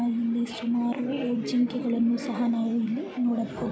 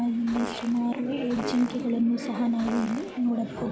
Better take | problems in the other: first | background sound (Fart); 13 dB below the speech

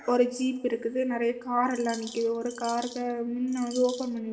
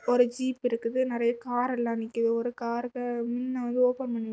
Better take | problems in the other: second | background sound (Bird vocalization, bird call, bird song); 16 dB below the speech // room echo; dies away in 2.6 s

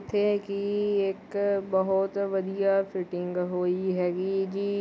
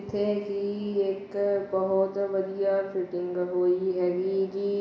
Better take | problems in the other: first | room echo; dies away in 1.1 s

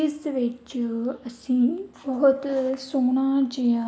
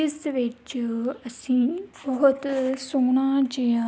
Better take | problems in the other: second | room echo; dies away in 0.6 s

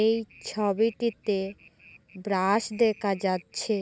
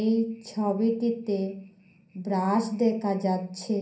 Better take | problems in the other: first | room echo; dies away in 0.6 s

